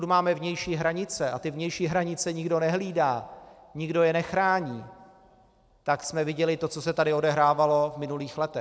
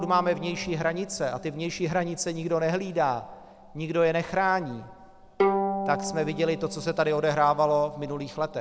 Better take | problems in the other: first | background sound (Bowed string instrument); 8 dB below the speech

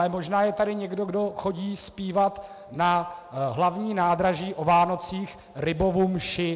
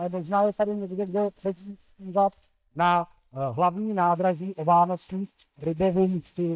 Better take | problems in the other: first | noise reduction (neural mask model DeepFilterNet 3)

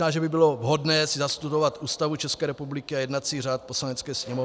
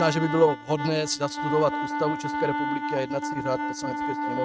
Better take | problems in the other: first | noise reduction (neural mask model RNNoise)

